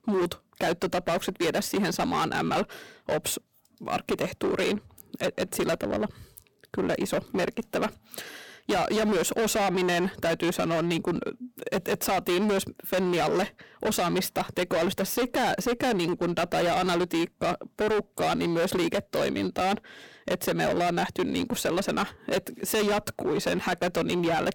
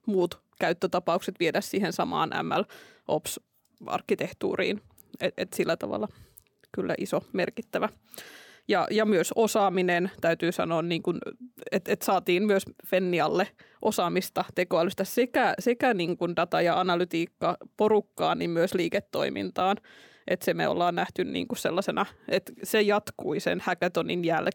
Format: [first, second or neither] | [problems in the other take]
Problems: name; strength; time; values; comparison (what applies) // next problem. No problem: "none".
second | distortion; heavy; 22% of the sound clipped